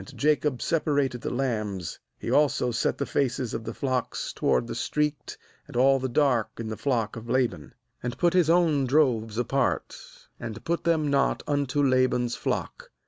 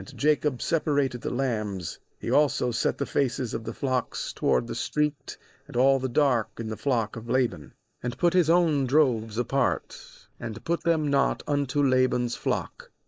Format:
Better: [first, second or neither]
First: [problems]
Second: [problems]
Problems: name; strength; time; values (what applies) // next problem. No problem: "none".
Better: first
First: none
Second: noise reduction (neural mask model Resemble Enhance denoiser)